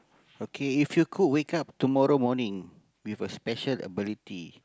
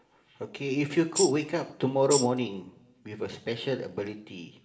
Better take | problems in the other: first | background sound (Tambourine); 2 dB below the speech // room echo; dies away in 0.9 s

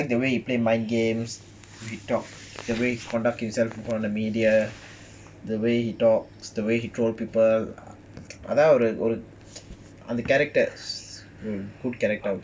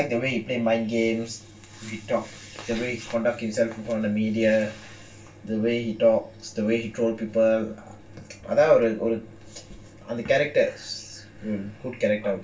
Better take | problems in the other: first | room echo; dies away in 0.2 s

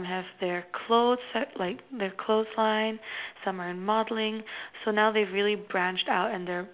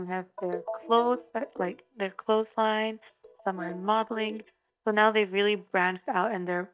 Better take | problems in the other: first | noise reduction (neural mask model DeepFilterNet 3)

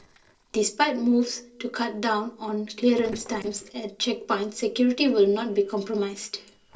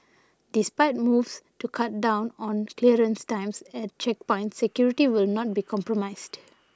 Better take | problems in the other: second | noise reduction (neural separator model SepFormer DNS4)

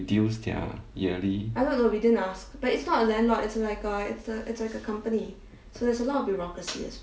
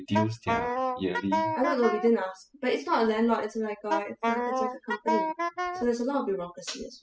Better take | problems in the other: first | noise reduction (classical method spectral subtraction)

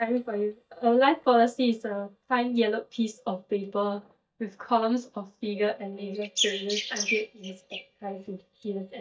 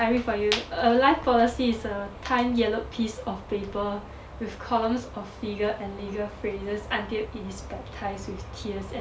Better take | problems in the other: second | noise reduction (neural mask model DeepFilterNet 3)

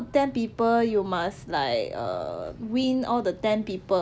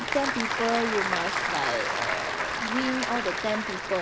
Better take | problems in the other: first | background sound (Applause / Crowd); 1 dB above the speech

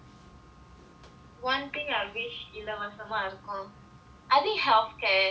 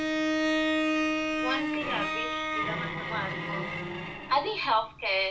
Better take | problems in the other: first | background sound (Bowed string instrument); 3 dB above the speech

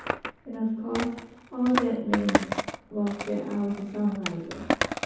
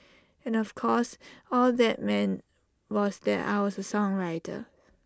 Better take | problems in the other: second | background sound (Skateboard); 2 dB below the speech // room echo; dies away in 0.9 s

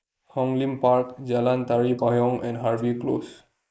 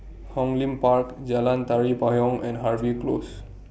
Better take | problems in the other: second | noise reduction (neural mask model Resemble Enhance denoiser)

